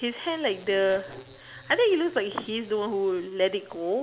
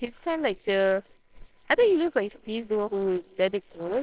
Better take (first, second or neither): first